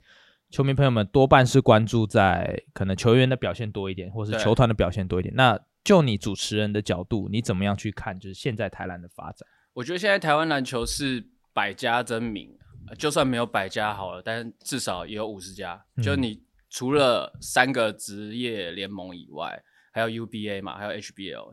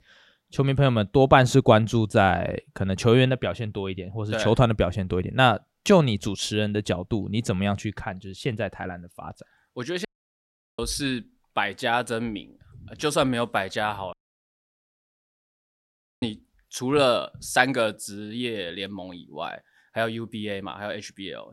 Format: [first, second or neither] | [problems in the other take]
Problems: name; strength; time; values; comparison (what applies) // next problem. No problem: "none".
first | audio cutting out; at 10 s for 0.5 s and at 14 s for 2 s